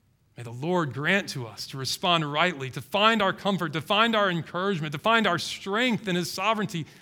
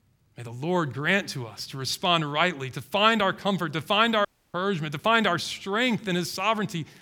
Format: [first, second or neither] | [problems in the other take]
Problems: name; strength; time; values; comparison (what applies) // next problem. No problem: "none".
first | audio cutting out; at 4.5 s